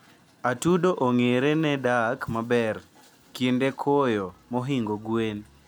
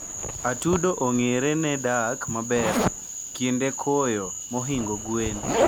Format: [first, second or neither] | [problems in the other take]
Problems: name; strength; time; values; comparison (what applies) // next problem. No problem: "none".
first | background sound (Frog + Zipper (clothing)); 4 dB below the speech